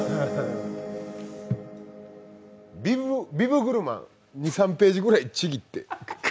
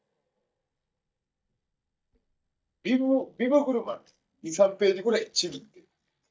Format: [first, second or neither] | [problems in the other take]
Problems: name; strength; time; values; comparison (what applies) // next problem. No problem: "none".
first | noise reduction (neural mask model DeepFilterNet 3)